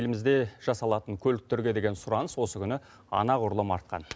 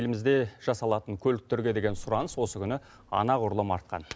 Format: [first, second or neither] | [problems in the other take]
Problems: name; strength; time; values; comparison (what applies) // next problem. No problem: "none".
first | background sound (Car); 18 dB below the speech